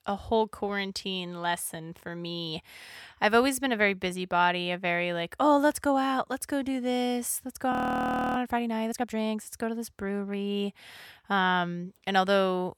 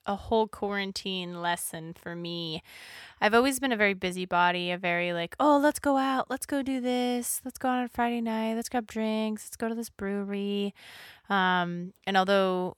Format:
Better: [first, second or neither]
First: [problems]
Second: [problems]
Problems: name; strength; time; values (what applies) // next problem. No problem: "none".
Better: second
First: audio freezing; at 7.5 s for 0.5 s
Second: none